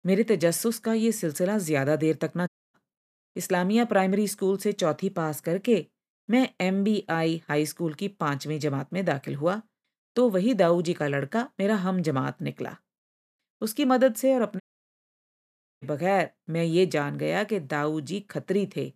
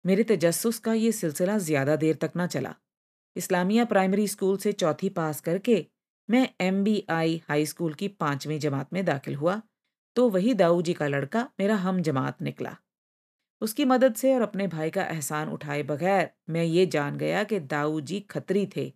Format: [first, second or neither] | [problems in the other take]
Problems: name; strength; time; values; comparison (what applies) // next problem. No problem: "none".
second | audio cutting out; at 2.5 s and at 15 s for 1 s